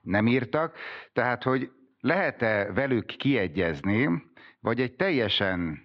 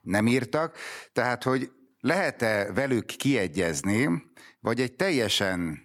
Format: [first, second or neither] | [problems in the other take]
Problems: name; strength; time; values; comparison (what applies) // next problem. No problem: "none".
second | muffled; slightly; fading above 3.5 kHz